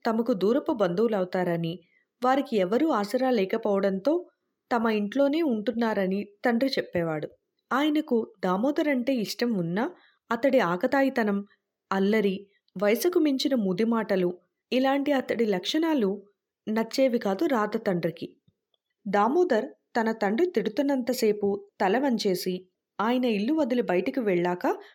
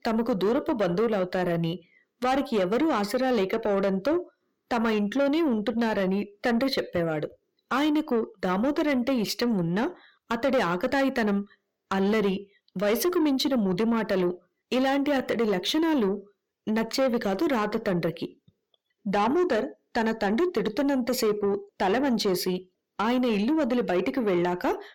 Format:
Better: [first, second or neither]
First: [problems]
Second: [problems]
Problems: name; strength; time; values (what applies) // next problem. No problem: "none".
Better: first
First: none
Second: distortion; slight; 10 dB below the speech